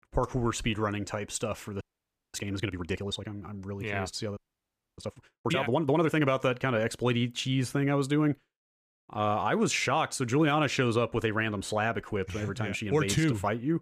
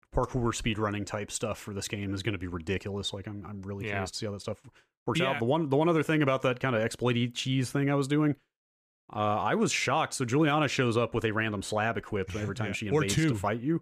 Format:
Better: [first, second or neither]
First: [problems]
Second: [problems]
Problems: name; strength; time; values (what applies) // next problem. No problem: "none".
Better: second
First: audio freezing; at 2 s for 0.5 s and at 4.5 s for 0.5 s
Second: none